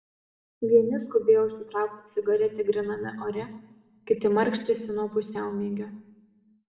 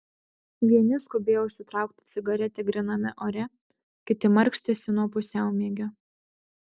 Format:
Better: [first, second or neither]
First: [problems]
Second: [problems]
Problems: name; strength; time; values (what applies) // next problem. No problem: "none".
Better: second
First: room echo; dies away in 0.7 s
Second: none